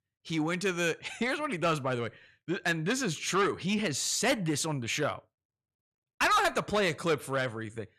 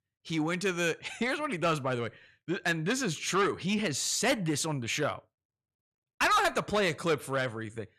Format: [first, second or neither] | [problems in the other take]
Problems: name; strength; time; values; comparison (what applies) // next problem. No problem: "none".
neither | distortion; heavy; 8 dB below the speech; the same in both